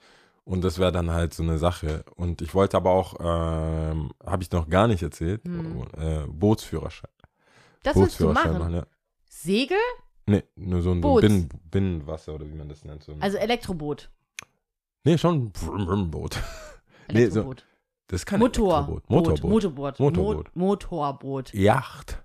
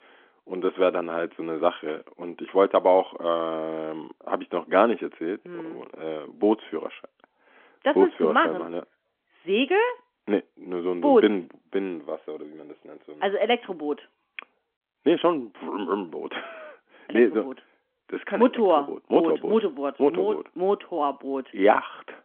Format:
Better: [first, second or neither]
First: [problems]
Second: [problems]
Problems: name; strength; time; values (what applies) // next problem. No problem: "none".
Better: first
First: none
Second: phone-call audio; nothing above 3.5 kHz